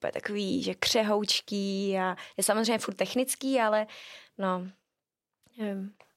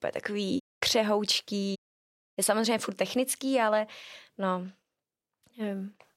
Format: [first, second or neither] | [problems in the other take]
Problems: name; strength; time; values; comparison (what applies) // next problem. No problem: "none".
first | audio cutting out; at 0.5 s and at 2 s for 0.5 s